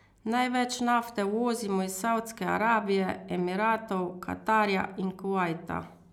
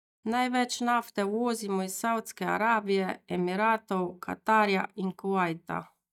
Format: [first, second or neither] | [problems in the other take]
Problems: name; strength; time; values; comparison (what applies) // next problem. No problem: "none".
first | noise reduction (neural mask model DeepFilterNet 3)